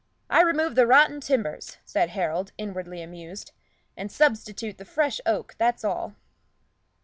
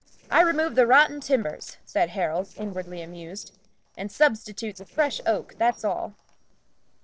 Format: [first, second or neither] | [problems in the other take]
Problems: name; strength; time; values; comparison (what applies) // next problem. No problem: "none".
first | noise reduction (neural separator model SepFormer DNS4)